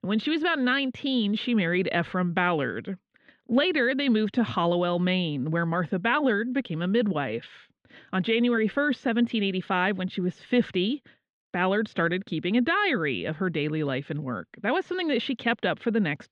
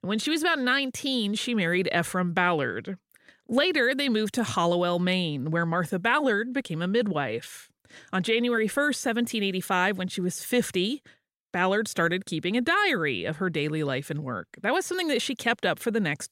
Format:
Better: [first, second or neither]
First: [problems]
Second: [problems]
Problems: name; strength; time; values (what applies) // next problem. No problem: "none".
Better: second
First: muffled; slightly; fading above 3.5 kHz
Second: none